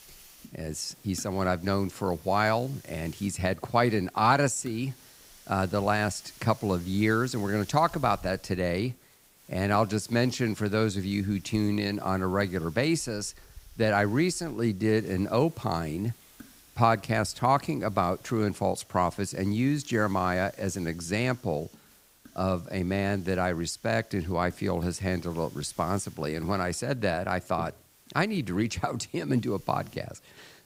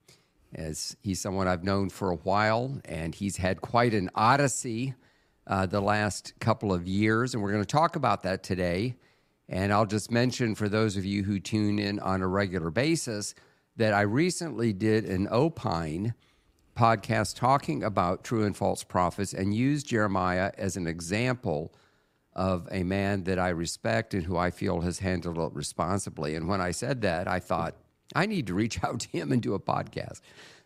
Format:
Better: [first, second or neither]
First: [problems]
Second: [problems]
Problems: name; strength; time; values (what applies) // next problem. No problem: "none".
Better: second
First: hiss; faint; throughout; 25 dB below the speech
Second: none